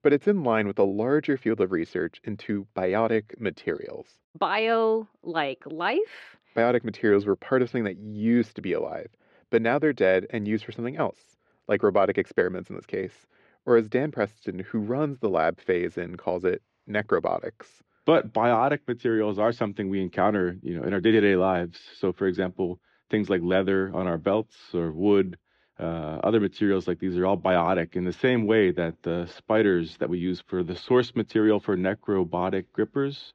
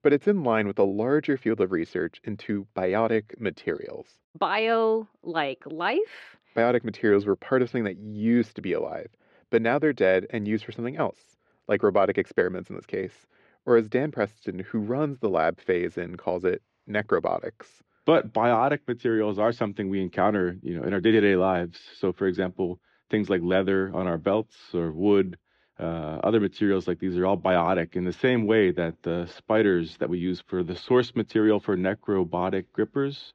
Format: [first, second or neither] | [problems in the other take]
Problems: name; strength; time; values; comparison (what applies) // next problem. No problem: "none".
neither | muffled; slightly; fading above 3.5 kHz; the same in both